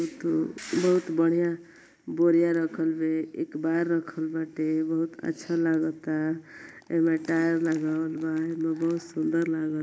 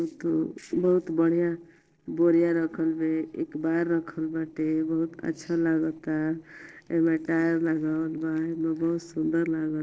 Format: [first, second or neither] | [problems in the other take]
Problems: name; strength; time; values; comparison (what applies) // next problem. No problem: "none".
first | noise reduction (neural separator model SepFormer DNS4)